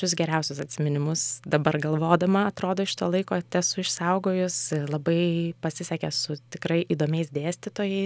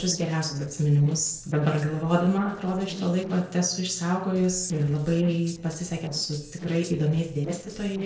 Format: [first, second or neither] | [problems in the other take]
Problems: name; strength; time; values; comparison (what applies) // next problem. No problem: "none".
first | noise reduction (neural separator model SepFormer DNS4)